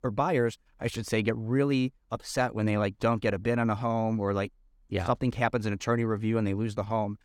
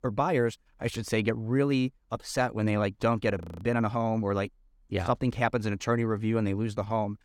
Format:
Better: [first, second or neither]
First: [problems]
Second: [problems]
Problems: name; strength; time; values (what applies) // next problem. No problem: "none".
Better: first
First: none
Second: audio freezing; at 3.5 s